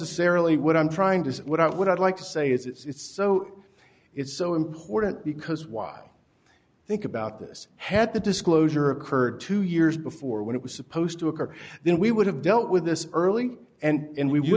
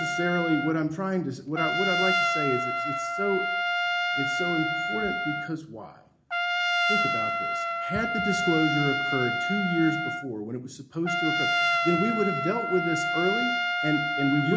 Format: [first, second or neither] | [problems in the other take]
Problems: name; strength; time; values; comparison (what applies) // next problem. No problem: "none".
first | background sound (Trumpet); 1 dB above the speech // room echo; dies away in 0.4 s